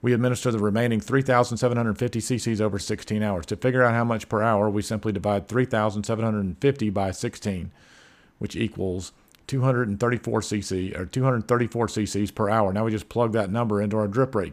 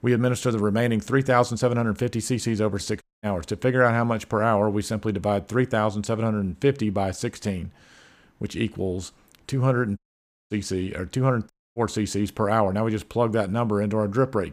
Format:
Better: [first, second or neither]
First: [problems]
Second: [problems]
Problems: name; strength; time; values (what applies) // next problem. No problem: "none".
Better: first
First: none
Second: audio cutting out; at 3 s, at 10 s for 0.5 s and at 12 s